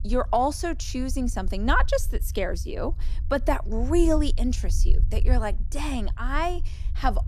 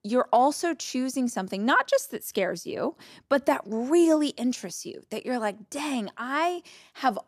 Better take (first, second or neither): second